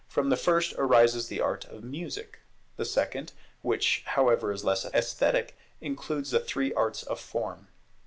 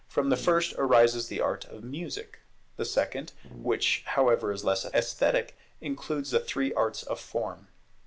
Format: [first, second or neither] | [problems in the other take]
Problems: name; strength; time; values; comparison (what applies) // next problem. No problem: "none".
first | background sound (Brass instrument); 20 dB below the speech